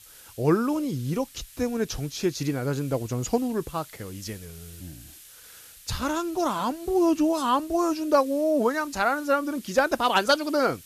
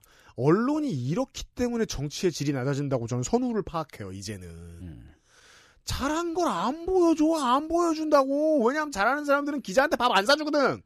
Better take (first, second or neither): second